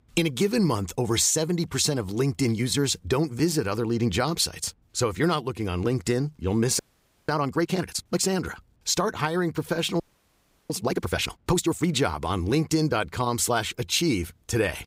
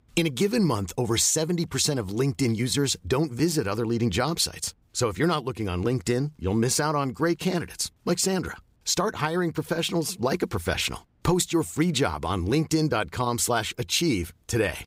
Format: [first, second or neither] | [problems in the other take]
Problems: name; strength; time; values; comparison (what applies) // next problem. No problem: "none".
second | audio freezing; at 7 s and at 10 s for 0.5 s